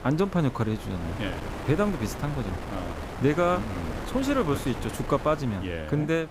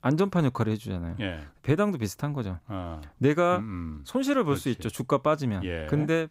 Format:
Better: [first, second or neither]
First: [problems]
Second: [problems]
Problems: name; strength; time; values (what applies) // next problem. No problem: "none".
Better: second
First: wind noise on the microphone; heavy; 8 dB below the speech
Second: none